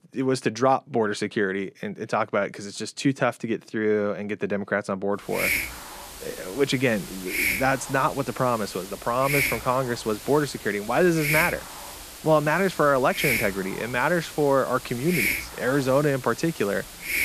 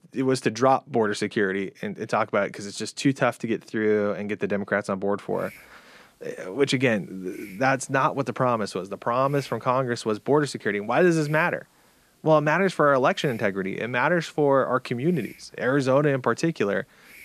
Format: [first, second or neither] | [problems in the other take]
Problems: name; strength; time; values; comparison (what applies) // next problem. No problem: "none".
second | hiss; loud; from 5.5 s on; 5 dB below the speech; faint in the second